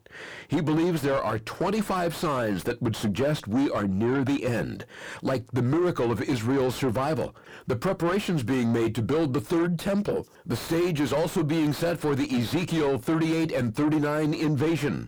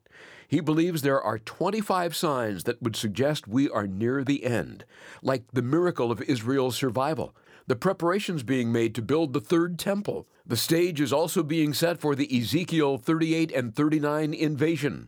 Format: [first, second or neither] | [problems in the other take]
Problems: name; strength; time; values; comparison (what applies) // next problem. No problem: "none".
second | distortion; heavy; 7 dB below the speech